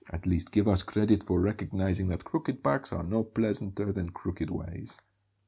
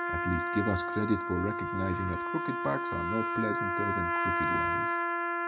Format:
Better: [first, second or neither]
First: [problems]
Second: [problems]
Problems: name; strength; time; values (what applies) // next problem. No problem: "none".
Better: first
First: none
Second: background sound (Trumpet); 2 dB above the speech